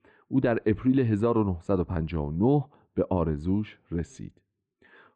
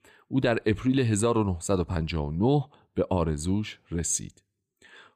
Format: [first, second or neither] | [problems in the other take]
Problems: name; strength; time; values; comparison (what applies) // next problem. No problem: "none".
second | muffled; very; fading above 2 kHz